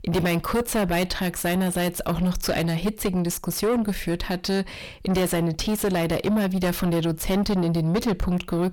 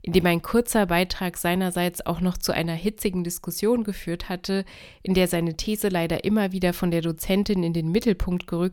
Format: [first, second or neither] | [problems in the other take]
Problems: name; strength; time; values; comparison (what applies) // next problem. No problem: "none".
second | distortion; heavy; 5 dB below the speech